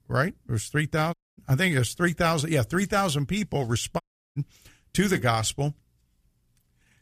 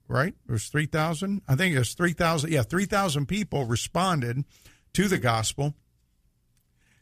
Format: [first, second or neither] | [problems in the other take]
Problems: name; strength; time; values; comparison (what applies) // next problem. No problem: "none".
second | audio cutting out; at 1 s and at 4 s